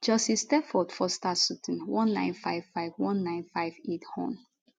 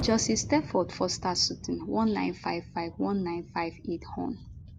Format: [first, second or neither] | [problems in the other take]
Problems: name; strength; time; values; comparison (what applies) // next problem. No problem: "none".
first | background sound (Explosion); 12 dB below the speech